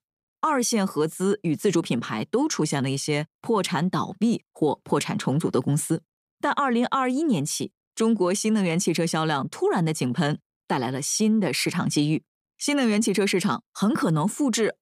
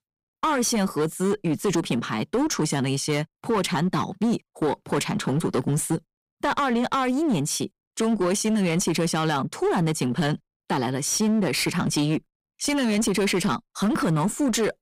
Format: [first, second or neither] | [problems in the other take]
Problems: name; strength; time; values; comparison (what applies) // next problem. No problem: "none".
first | distortion; slight; 16% of the sound clipped